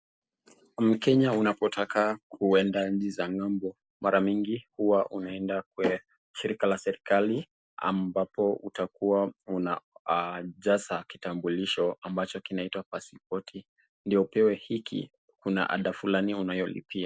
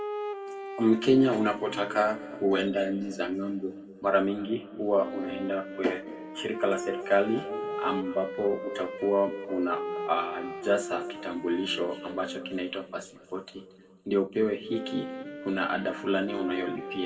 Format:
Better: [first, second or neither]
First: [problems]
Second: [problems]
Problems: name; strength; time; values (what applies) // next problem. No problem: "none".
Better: first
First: none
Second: background sound (Wind instrument, woodwind instrument); 10 dB below the speech // room echo; dies away in 1.8 s